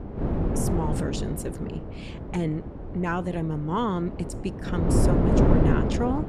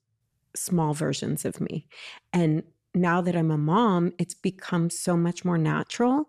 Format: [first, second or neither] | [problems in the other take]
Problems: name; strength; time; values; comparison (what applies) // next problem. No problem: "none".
second | wind noise on the microphone; heavy; 2 dB above the speech